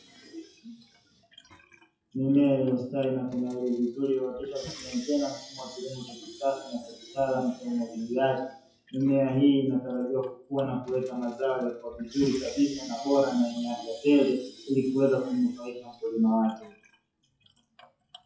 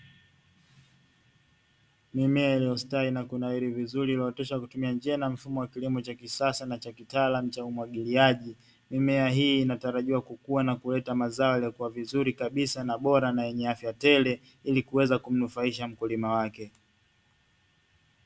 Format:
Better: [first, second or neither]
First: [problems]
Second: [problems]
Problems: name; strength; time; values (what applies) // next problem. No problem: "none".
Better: second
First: noise reduction (classical method WPE with log-MMSE)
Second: none